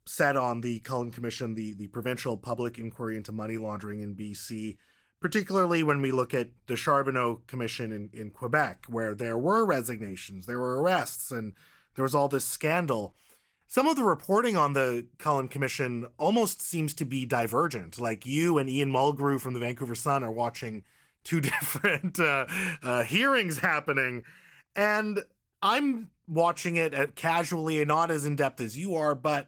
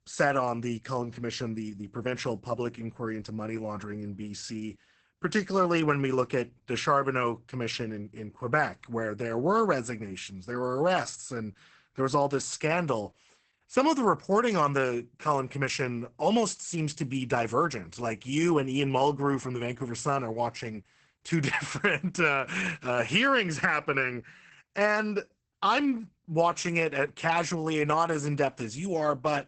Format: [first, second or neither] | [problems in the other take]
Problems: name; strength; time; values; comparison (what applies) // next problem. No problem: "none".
first | garbled, watery; badly; nothing above 8 kHz; slightly in the first